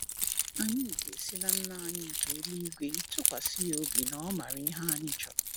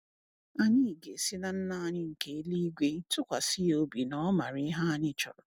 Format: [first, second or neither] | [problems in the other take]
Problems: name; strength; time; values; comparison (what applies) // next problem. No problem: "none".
second | background sound (Keys jangling); 4 dB above the speech